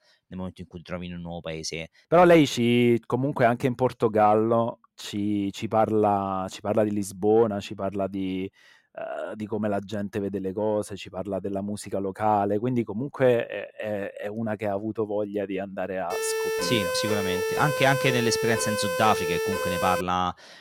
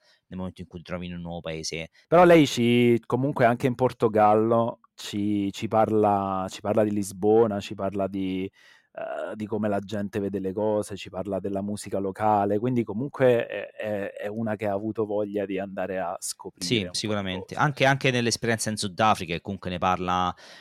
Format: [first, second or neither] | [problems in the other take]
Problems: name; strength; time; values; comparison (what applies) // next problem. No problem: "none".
second | siren; noticeable; from 16 to 20 s; peak 2 dB below the speech